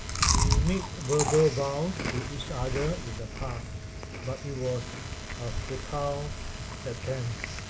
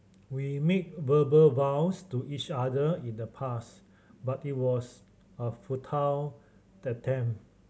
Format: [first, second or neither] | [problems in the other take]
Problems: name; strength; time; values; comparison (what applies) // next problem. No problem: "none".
second | background sound (Chewing, mastication); as loud as the speech